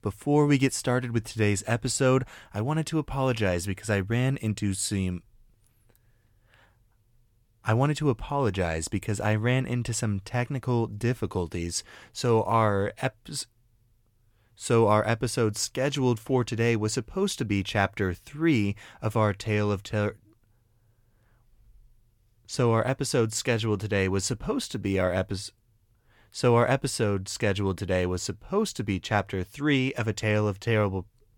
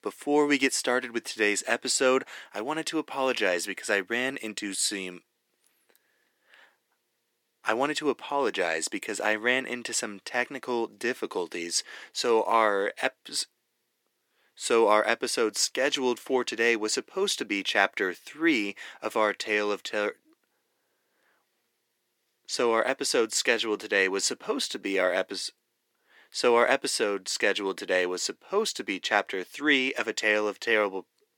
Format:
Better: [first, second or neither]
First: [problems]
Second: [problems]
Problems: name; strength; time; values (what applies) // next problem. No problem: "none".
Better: first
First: none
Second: thin; somewhat; fading below 300 Hz